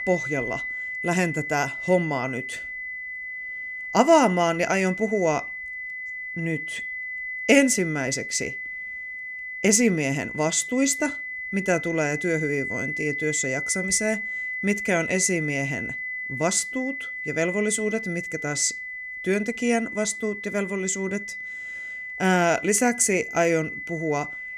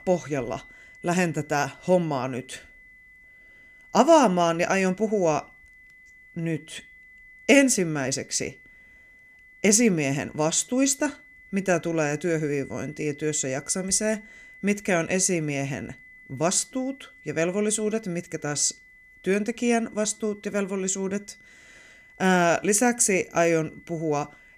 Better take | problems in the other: second | high-pitched whine; loud; throughout; 2 kHz, 6 dB below the speech; faint in the second

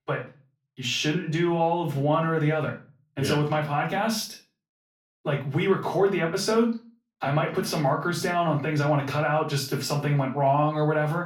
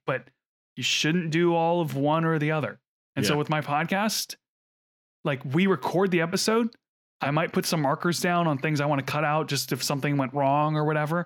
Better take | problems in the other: second | off-mic speech; far // room echo; slight; dies away in 0.3 s

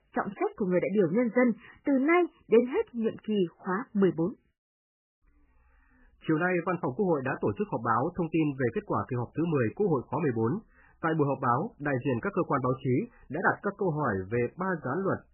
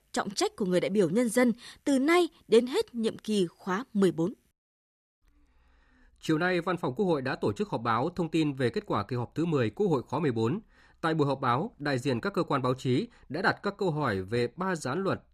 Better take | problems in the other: second | garbled, watery; badly; nothing above 3 kHz

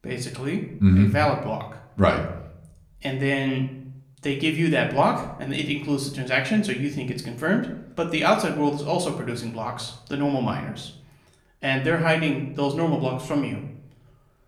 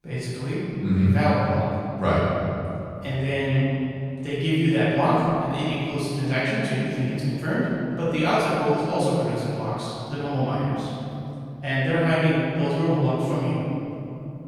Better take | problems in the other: first | room echo; strong; dies away in 3 s; slight in the first // off-mic speech; far; somewhat distant in the first

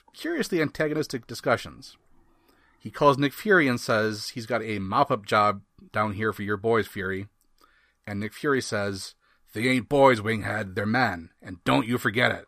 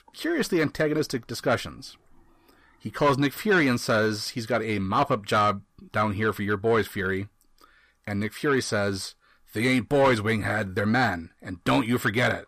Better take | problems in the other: first | distortion; slight; 10 dB below the speech

